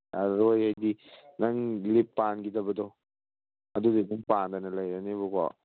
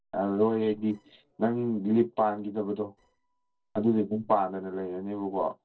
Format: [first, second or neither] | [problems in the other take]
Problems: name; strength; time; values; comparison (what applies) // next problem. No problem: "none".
first | noise reduction (neural separator model SepFormer DNS4)